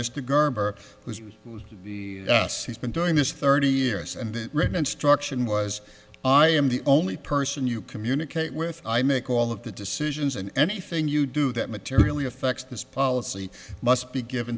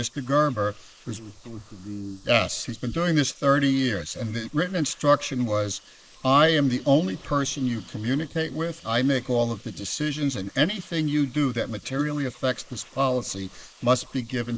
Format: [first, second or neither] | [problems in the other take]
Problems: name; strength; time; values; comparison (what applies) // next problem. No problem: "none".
first | noise reduction (neural mask model Resemble Enhance denoiser)